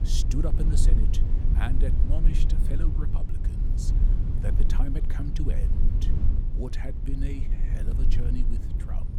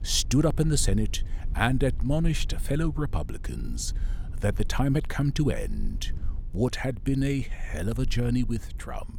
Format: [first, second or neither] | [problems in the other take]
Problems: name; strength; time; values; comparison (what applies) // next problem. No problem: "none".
second | low rumble; loud; throughout; 2 dB below the speech; faint in the second